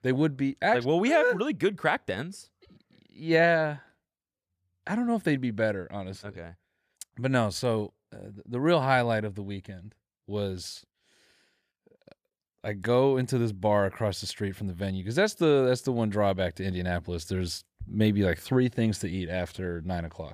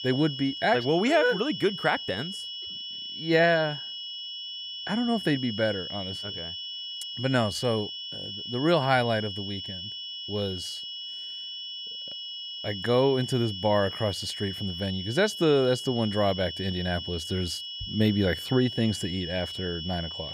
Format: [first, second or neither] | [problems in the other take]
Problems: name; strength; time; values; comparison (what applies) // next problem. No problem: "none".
first | high-pitched whine; loud; throughout; 3 kHz, 7 dB below the speech